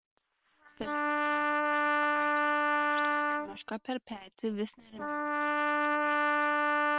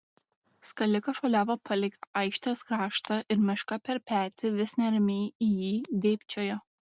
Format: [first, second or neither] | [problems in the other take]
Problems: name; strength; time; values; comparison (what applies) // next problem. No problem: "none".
second | noise reduction (neural separator model SepFormer WHAM!)